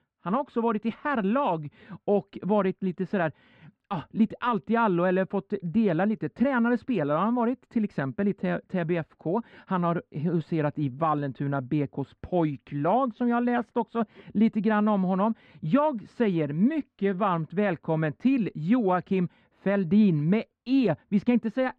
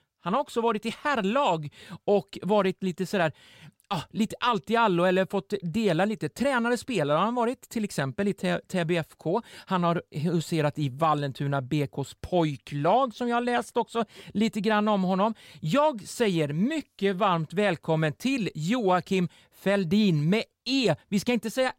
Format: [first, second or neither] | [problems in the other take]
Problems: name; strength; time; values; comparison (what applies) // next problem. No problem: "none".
second | muffled; very; fading above 2 kHz